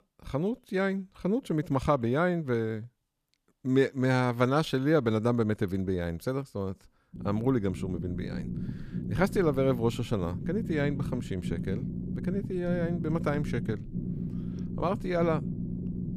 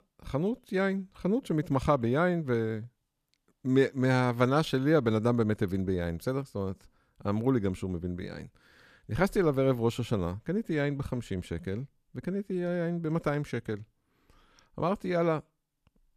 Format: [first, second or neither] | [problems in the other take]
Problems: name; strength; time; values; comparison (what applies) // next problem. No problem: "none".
second | low rumble; noticeable; from 7 s on; 15 dB below the speech